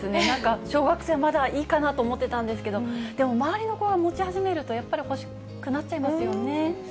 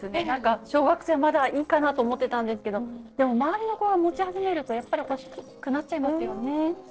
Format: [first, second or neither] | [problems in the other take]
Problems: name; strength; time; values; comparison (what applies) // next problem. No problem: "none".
first | noise reduction (neural separator model SepFormer DNS4)